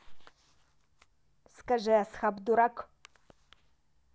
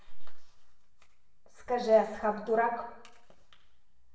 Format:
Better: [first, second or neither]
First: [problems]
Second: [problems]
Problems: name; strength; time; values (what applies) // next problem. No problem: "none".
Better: first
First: none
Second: room echo; dies away in 0.8 s